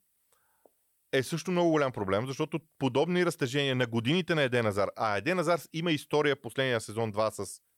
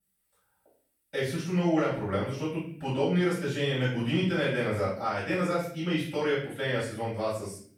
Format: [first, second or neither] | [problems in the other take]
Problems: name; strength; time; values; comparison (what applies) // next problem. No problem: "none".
first | off-mic speech; far // room echo; noticeable; dies away in 0.5 s